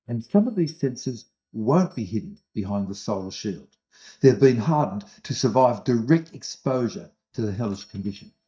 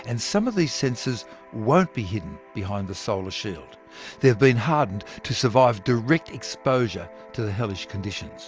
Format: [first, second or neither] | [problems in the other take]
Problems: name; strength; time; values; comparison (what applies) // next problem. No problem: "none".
second | noise reduction (neural mask model DeepFilterNet 3)